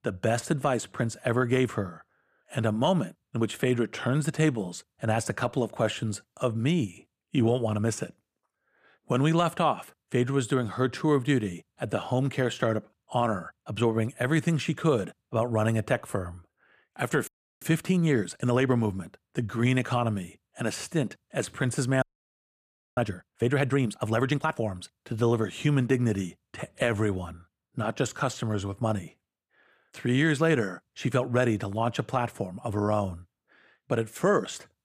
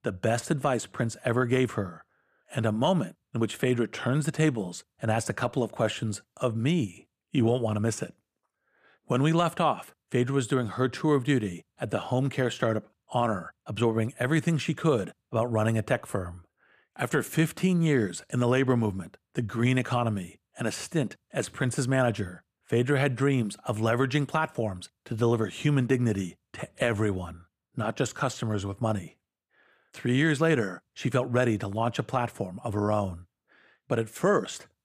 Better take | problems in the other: second | audio freezing; at 17 s and at 22 s for 1 s

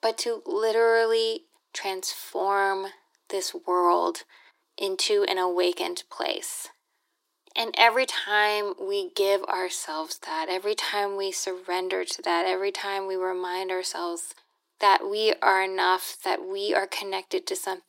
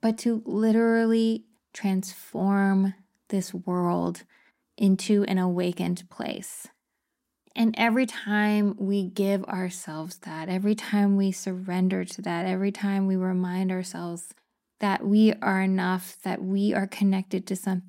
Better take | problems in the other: second | thin; very; fading below 350 Hz

